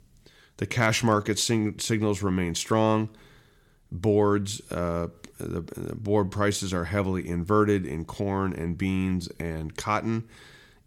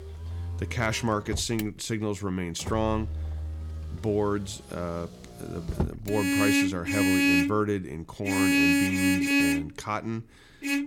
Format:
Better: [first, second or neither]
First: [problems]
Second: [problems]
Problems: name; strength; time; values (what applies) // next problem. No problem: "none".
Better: first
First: none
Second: traffic noise; very loud; throughout; 4 dB above the speech